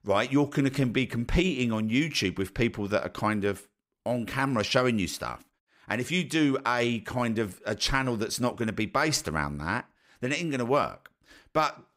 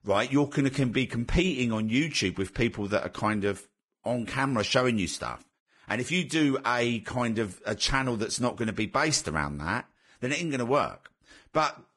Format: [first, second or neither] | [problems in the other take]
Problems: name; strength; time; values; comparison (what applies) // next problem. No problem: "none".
first | garbled, watery; badly; nothing above 10 kHz